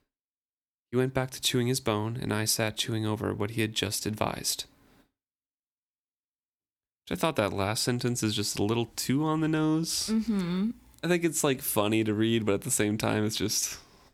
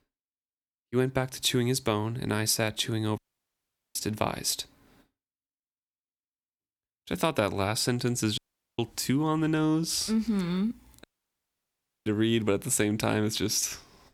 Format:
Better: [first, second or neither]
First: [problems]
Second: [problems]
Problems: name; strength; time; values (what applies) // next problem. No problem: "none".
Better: first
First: none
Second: audio cutting out; at 3 s for 1 s, at 8.5 s and at 11 s for 1 s